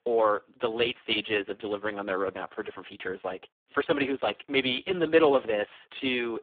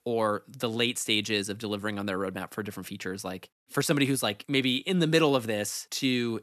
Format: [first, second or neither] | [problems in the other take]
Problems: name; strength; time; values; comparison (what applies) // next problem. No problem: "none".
second | phone-call audio; poor line